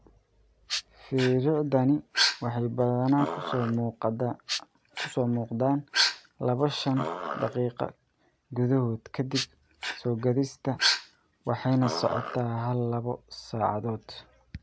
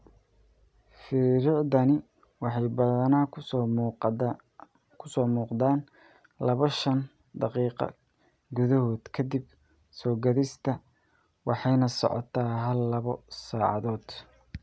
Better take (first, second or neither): second